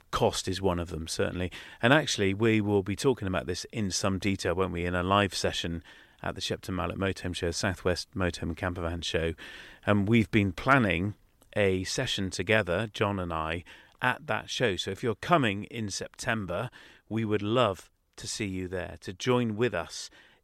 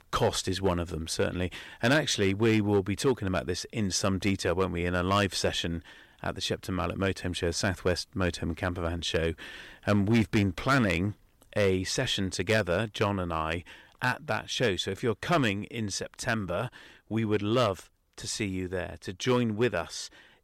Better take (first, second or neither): first